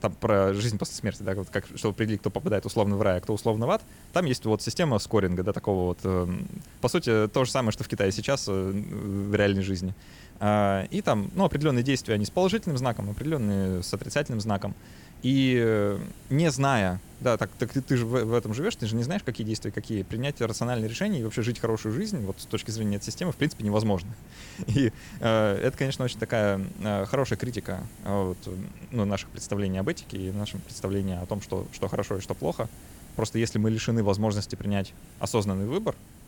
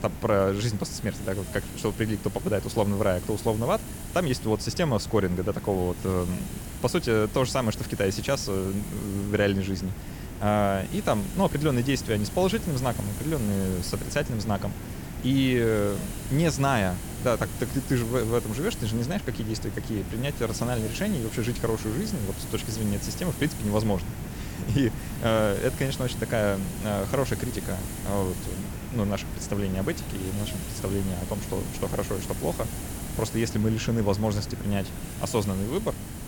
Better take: first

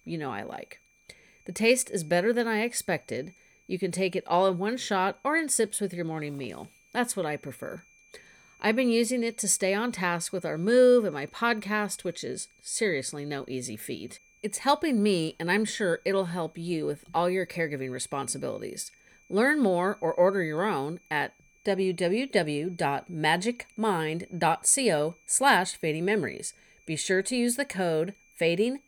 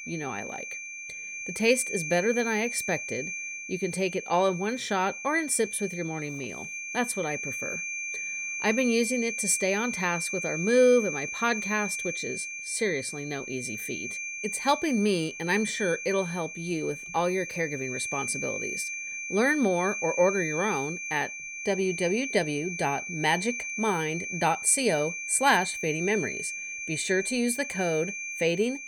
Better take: first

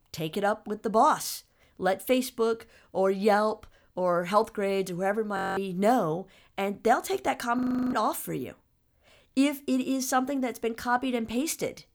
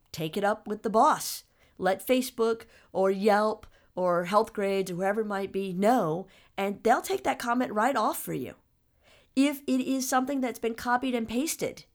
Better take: second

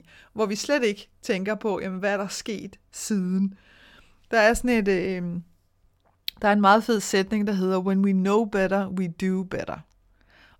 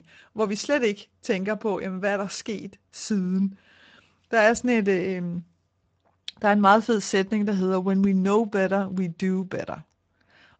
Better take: first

